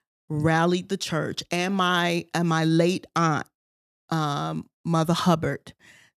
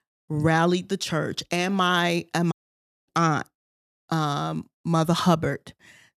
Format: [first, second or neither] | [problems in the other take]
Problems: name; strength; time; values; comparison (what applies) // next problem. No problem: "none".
first | audio cutting out; at 2.5 s for 0.5 s